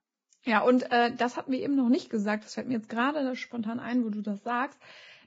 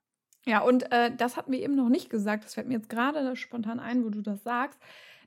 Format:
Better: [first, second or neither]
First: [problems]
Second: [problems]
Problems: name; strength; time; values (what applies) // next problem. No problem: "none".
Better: second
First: garbled, watery; badly; nothing above 7.5 kHz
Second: none